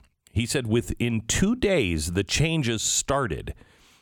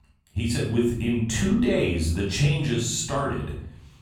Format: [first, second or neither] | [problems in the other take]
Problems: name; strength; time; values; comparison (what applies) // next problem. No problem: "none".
first | room echo; noticeable; dies away in 0.6 s // off-mic speech; far